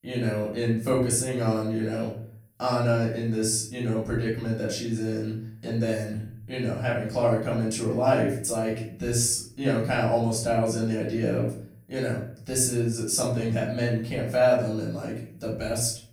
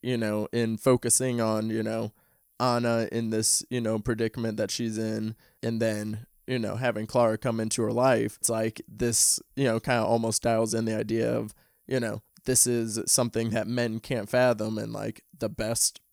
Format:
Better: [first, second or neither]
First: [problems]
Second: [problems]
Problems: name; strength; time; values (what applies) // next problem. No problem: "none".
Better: second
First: off-mic speech; far // room echo; noticeable; dies away in 0.5 s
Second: none